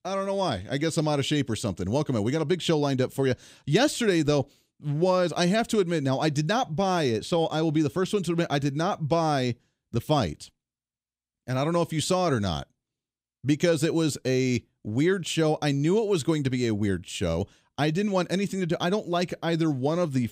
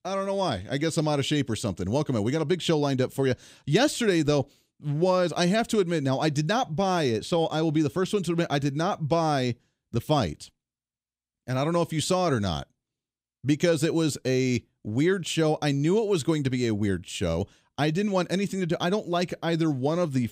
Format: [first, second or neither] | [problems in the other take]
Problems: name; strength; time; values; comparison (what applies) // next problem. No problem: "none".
neither | none